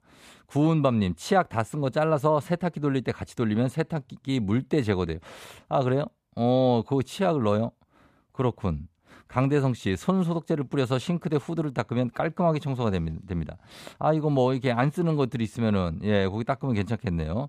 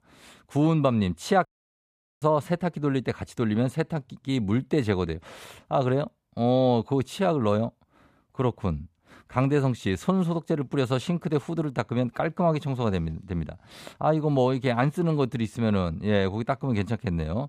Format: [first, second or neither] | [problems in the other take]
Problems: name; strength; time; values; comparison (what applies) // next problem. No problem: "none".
first | audio cutting out; at 1.5 s for 1 s